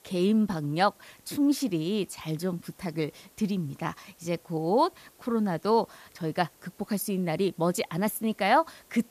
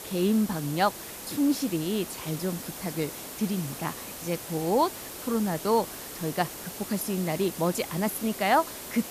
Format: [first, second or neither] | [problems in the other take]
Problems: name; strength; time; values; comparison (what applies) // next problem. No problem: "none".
first | hiss; loud; throughout; 9 dB below the speech; faint in the first